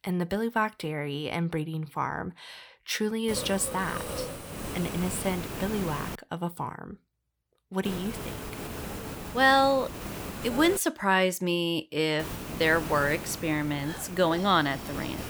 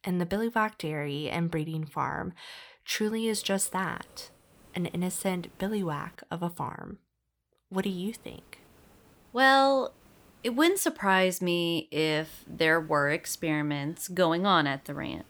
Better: second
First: hiss; loud; from 3.5 to 6 s, from 8 to 11 s and from 12 s on; 9 dB below the speech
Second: hiss; faint; from 3.5 to 6 s, from 8 to 11 s and from 12 s on; 30 dB below the speech

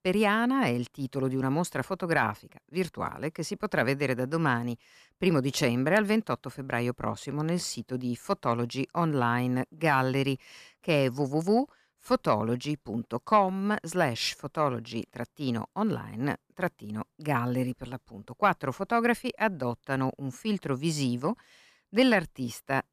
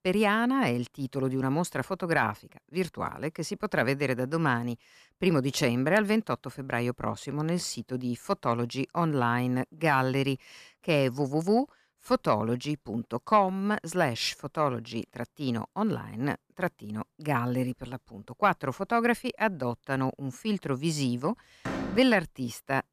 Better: first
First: none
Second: door banging; noticeable; at 22 s; peak 5 dB below the speech

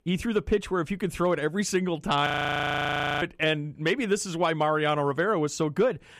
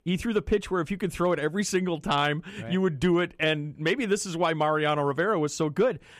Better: second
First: audio freezing; at 2.5 s for 1 s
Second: none

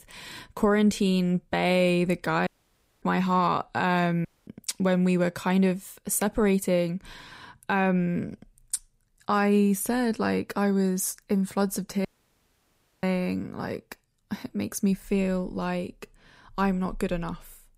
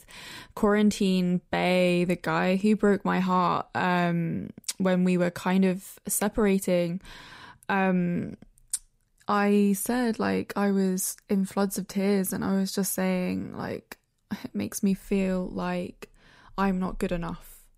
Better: second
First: audio cutting out; at 2.5 s for 0.5 s, at 4.5 s and at 12 s for 1 s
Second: none

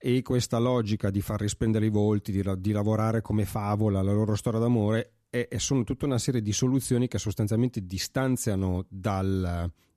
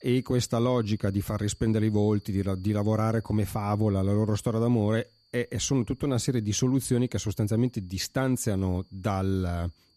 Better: first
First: none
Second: high-pitched whine; faint; throughout; 4.5 kHz, 35 dB below the speech

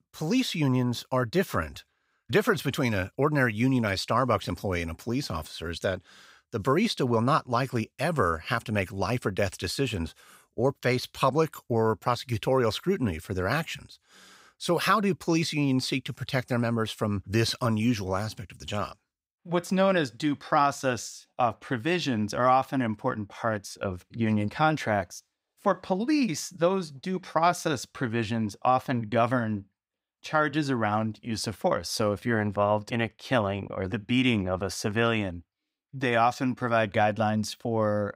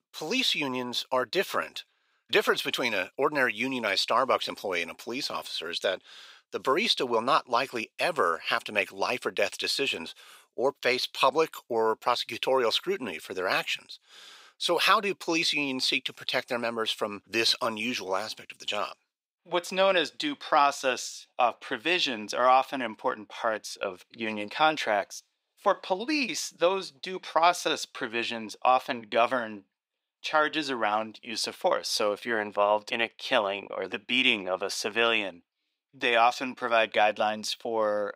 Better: first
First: none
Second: thin; somewhat; fading below 450 Hz

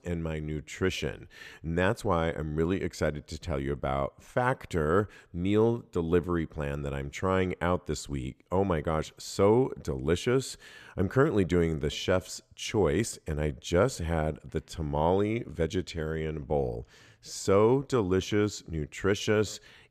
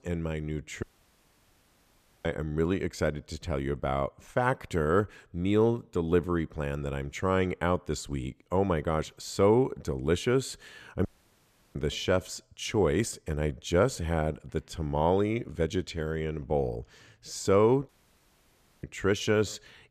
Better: first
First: none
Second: audio cutting out; at 1 s for 1.5 s, at 11 s for 0.5 s and at 18 s for 1 s

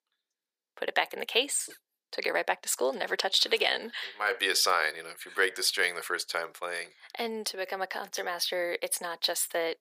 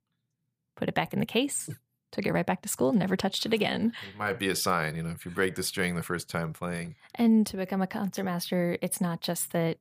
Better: second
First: thin; very; fading below 400 Hz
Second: none

